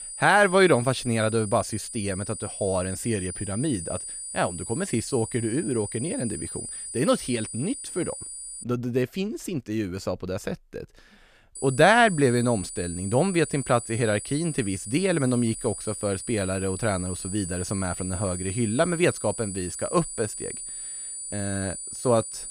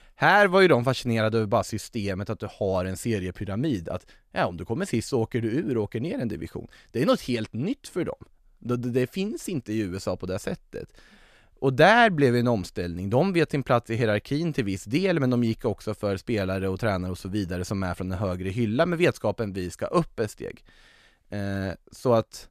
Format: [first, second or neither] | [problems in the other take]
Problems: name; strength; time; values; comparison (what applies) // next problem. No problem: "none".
second | high-pitched whine; loud; until 8.5 s and from 12 s on; 9.5 kHz, 8 dB below the speech